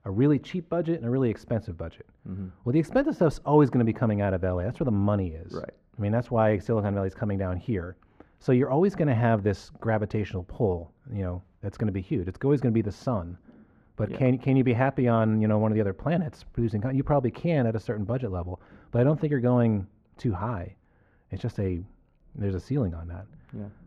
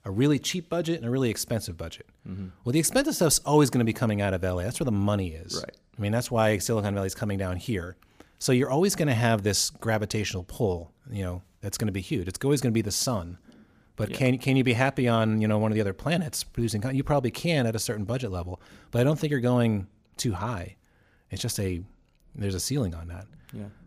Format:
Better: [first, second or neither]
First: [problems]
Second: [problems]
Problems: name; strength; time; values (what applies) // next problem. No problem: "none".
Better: second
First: muffled; very; fading above 3.5 kHz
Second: none